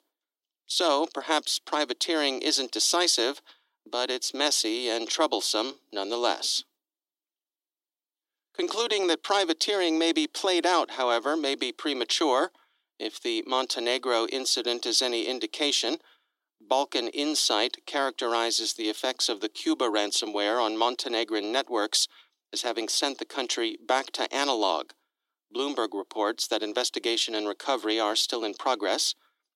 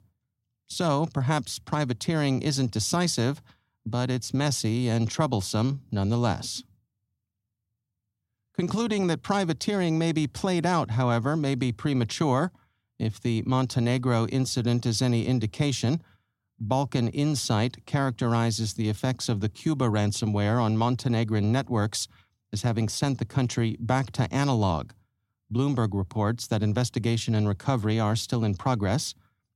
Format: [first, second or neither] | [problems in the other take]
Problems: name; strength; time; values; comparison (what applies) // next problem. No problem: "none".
second | thin; very; fading below 300 Hz